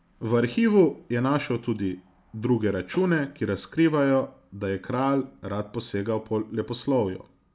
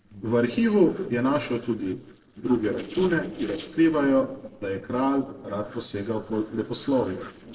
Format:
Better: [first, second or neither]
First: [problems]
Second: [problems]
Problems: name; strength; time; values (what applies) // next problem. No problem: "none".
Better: first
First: none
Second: noise reduction (neural separator model SepFormer DNS4)